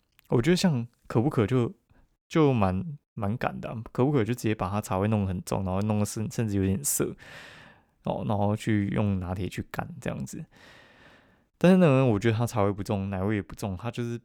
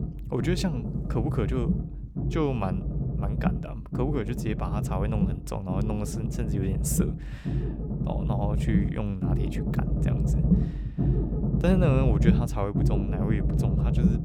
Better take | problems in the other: first | low rumble; loud; throughout; 3 dB below the speech

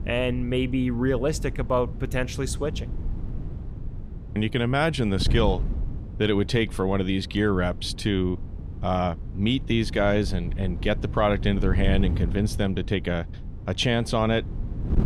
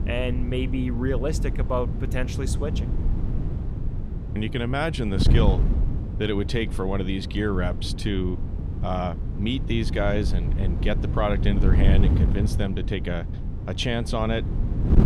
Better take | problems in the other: first | wind noise on the microphone; heavy; 9 dB below the speech; occasional gusts in the first

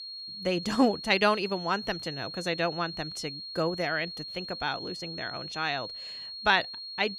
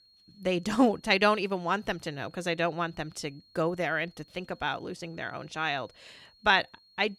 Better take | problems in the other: second | high-pitched whine; loud; throughout; 4.5 kHz, 8 dB below the speech; faint in the second

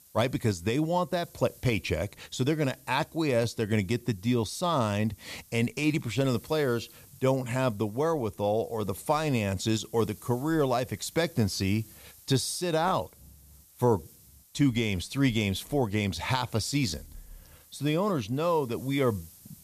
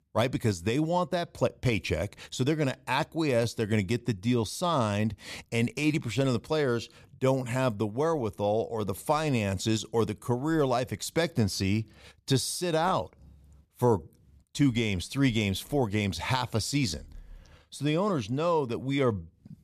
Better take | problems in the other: second | hiss; faint; throughout; 25 dB below the speech

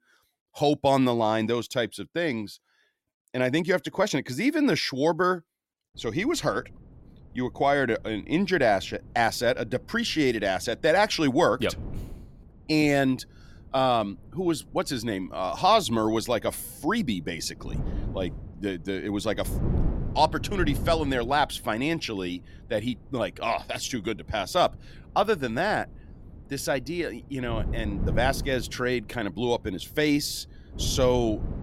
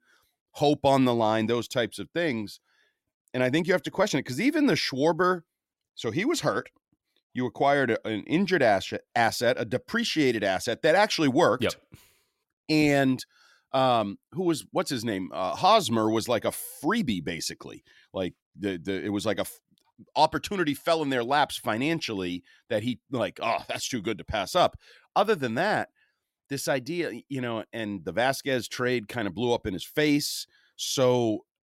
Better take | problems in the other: second | wind noise on the microphone; occasional gusts; from 6 s on; 20 dB below the speech

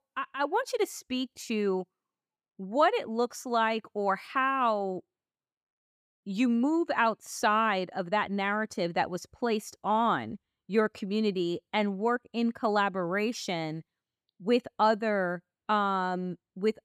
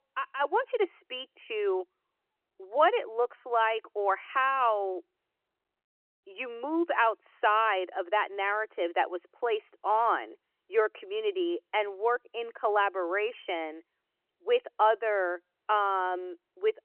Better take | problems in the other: first | phone-call audio

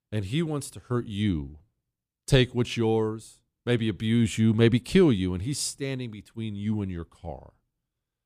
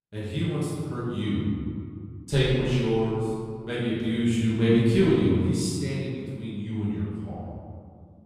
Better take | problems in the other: first | room echo; strong; dies away in 2 s // off-mic speech; far

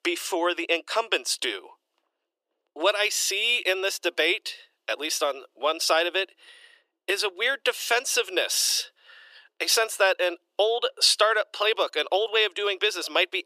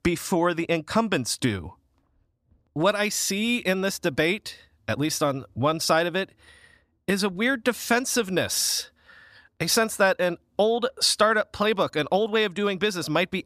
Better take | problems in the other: second | thin; very; fading below 350 Hz

